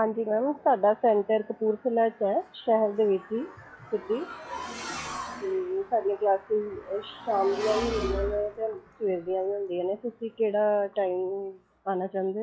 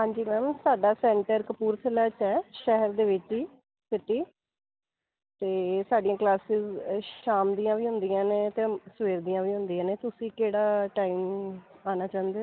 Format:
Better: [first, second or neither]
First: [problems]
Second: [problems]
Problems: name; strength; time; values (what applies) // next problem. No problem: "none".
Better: second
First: noise reduction (classical method log-MMSE)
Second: none